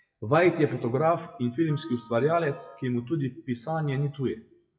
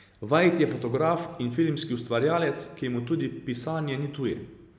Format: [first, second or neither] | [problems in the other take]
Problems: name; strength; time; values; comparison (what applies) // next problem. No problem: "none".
second | noise reduction (classical method WPE with log-MMSE)